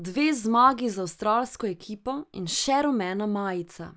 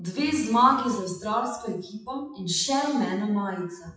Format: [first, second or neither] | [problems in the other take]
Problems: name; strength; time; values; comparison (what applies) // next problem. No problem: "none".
first | noise reduction (classical method WPE with log-MMSE)